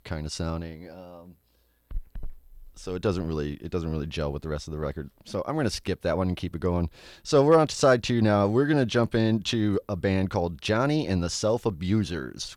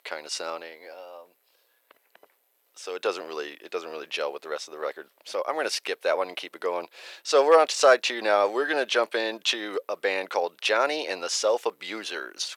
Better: first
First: none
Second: thin; very; fading below 450 Hz

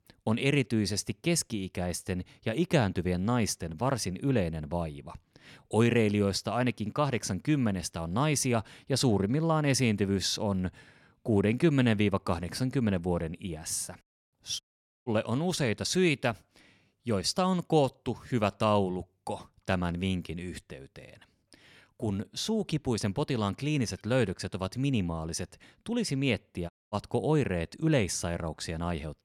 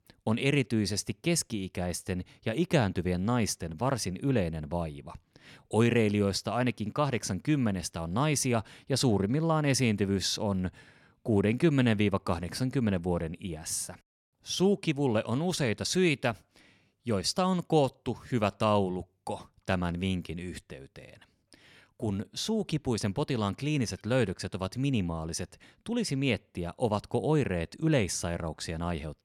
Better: second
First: audio cutting out; at 15 s and at 27 s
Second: none

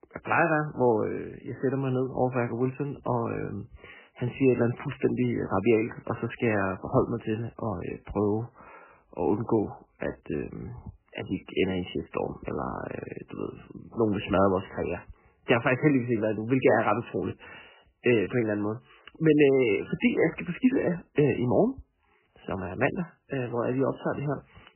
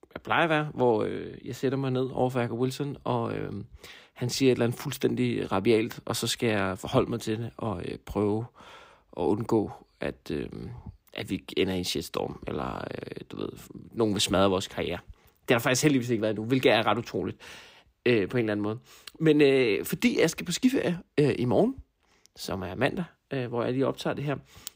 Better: second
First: garbled, watery; badly; nothing above 3 kHz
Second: none

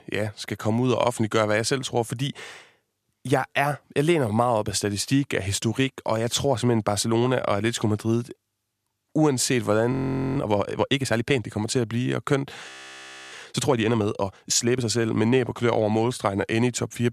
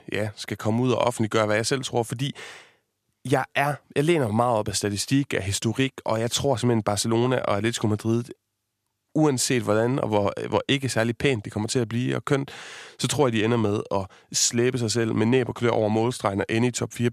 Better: second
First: audio freezing; at 10 s and at 13 s for 0.5 s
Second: none

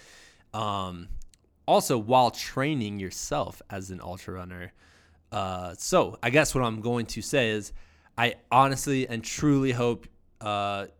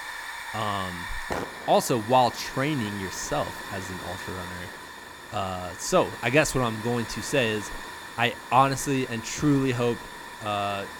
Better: first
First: none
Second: hiss; noticeable; throughout; 10 dB below the speech

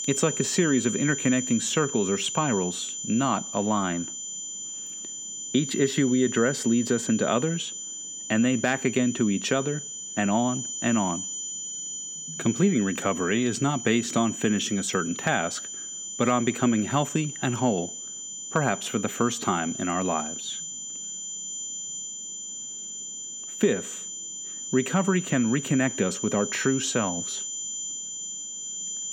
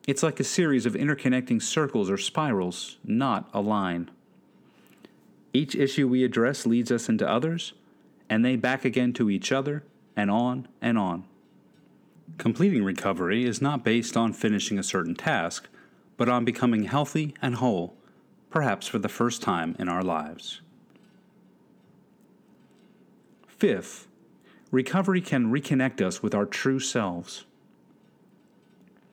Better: second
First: high-pitched whine; loud; throughout; 7 kHz, 6 dB below the speech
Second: none

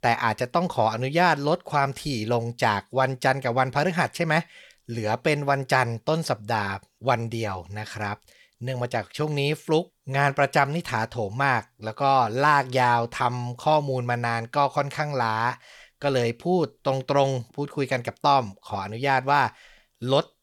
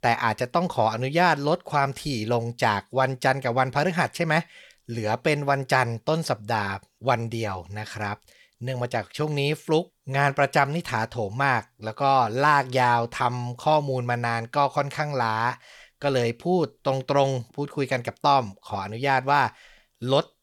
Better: neither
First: none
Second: none

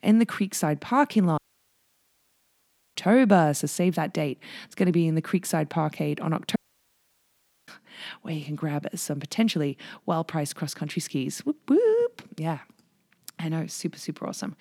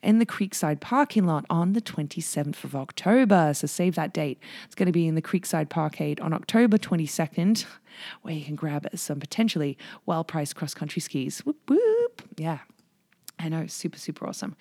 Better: second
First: audio cutting out; at 1.5 s for 1.5 s and at 6.5 s for 1 s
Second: none

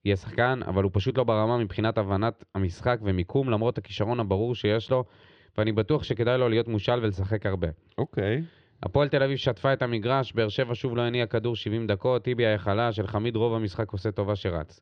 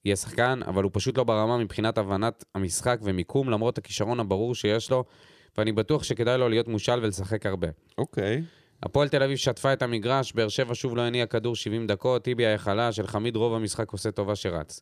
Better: second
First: muffled; slightly; fading above 3.5 kHz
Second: none

